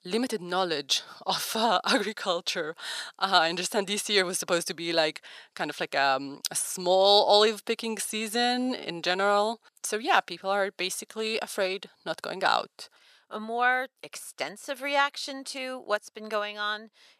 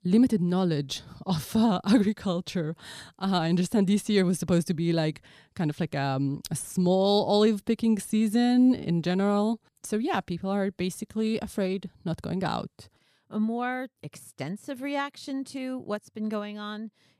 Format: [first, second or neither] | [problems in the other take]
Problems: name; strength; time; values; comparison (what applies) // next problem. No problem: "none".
second | thin; very; fading below 650 Hz